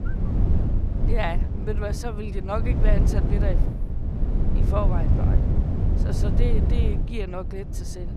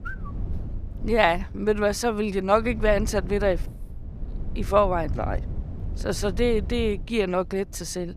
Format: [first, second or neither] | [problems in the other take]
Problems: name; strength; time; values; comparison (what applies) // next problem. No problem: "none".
second | low rumble; loud; throughout; 4 dB below the speech; faint in the second